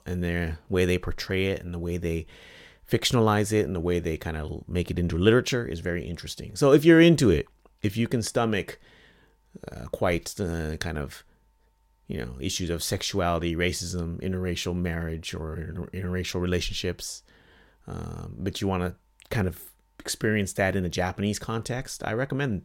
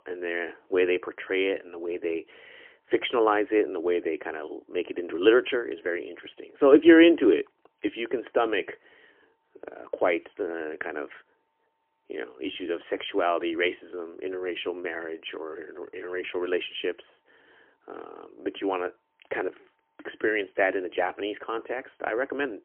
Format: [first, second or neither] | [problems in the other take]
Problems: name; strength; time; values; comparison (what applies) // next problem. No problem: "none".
first | phone-call audio; poor line; nothing above 3.5 kHz